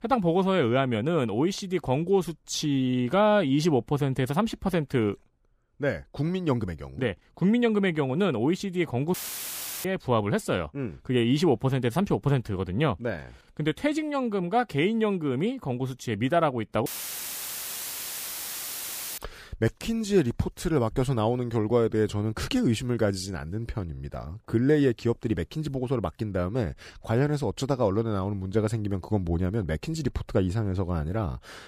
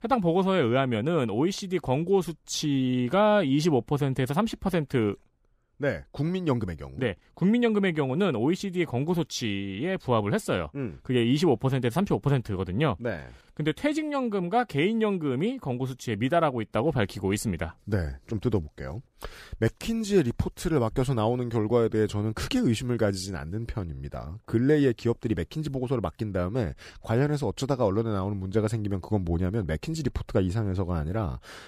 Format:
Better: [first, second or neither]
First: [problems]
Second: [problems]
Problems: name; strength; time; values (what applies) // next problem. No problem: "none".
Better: second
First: audio cutting out; filled with static; at 9 s for 0.5 s and at 17 s for 2.5 s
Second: none